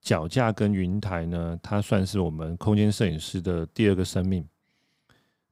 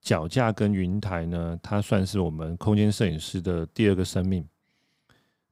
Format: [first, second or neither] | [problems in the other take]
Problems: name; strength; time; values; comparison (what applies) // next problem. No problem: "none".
neither | none